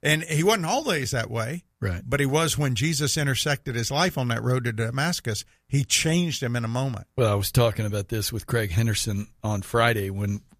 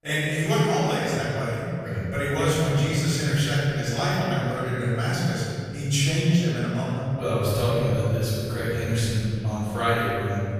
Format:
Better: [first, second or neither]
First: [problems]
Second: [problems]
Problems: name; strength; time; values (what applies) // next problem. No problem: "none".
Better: first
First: none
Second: off-mic speech; far // room echo; strong; dies away in 2.1 s